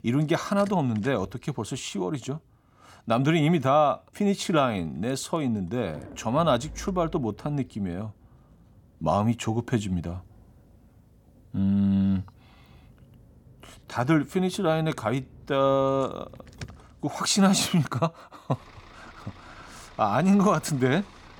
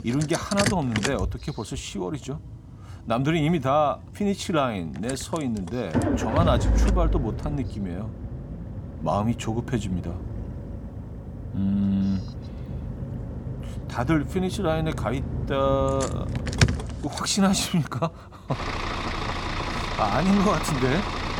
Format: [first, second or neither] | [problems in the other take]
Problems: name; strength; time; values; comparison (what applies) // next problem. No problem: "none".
first | traffic noise; loud; throughout; 4 dB below the speech; faint in the first